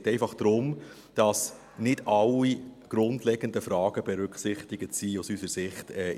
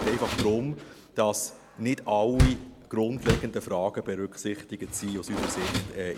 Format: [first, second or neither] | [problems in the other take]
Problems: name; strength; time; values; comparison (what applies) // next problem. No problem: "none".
first | background sound (Door); 3 dB below the speech